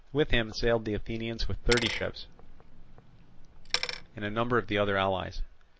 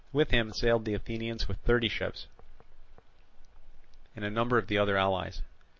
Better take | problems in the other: second | background sound (Bicycle); 9 dB below the speech

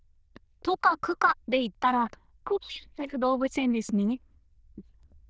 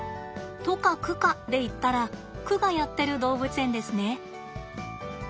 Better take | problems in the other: second | noise reduction (neural diffusion model UNIVERSE++)

